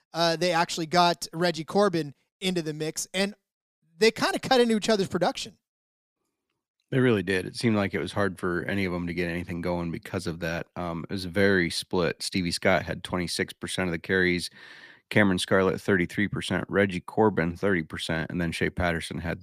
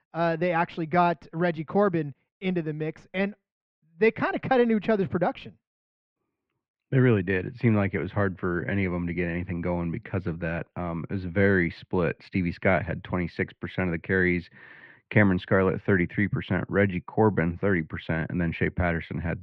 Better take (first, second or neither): first